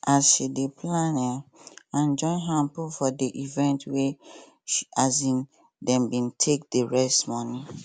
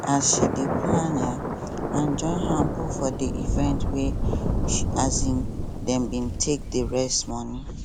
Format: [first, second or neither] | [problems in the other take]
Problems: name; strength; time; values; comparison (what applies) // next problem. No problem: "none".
first | background sound (Thunder); 1 dB above the speech